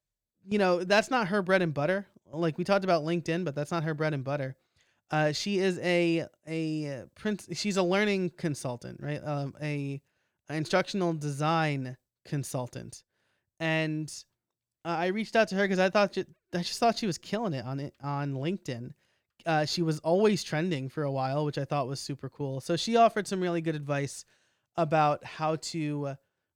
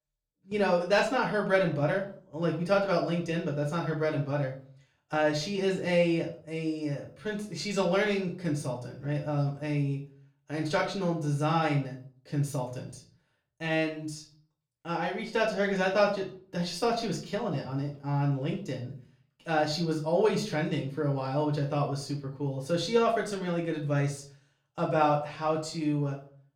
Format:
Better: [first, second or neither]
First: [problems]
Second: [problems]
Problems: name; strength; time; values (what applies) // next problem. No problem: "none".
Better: first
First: none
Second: off-mic speech; far // room echo; slight; dies away in 0.4 s